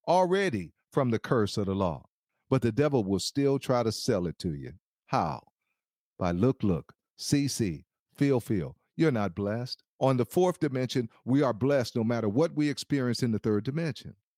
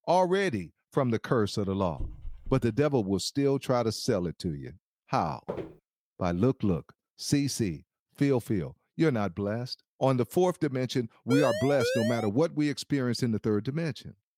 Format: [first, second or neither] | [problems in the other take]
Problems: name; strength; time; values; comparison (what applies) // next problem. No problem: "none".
first | dog barking; faint; at 2 s; peak 15 dB below the speech // footsteps; noticeable; at 5.5 s; peak 10 dB below the speech // siren; noticeable; at 11 s; peak 1 dB below the speech